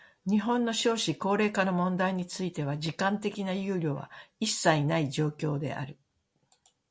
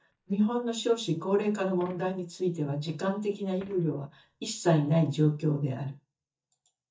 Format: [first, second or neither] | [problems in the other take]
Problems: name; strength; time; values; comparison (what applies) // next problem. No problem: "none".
first | noise reduction (neural mask model DeepFilterNet 3)